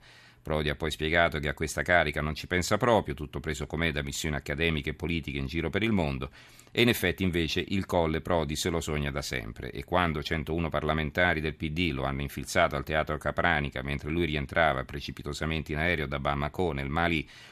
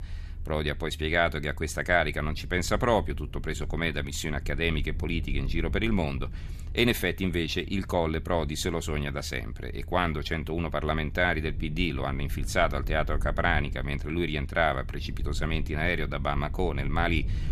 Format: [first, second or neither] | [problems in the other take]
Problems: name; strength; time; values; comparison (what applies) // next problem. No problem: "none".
first | low rumble; faint; throughout; 25 dB below the speech